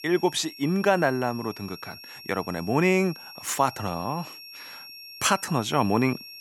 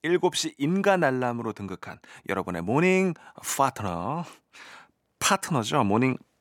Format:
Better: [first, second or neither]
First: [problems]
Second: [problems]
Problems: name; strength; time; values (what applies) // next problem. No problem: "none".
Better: second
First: high-pitched whine; noticeable; throughout; 5.5 kHz, 15 dB below the speech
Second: none